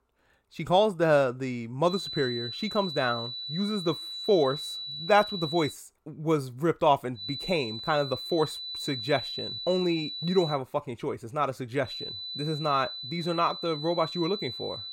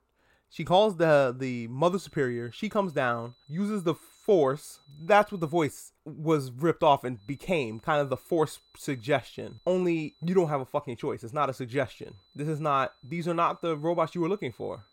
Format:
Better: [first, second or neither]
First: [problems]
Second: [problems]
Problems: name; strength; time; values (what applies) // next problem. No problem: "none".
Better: second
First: high-pitched whine; loud; from 2 to 5.5 s, from 7 to 11 s and from 12 s on; 4 kHz, 7 dB below the speech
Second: high-pitched whine; faint; from 2 to 5.5 s, from 7 to 11 s and from 12 s on; 4 kHz, 35 dB below the speech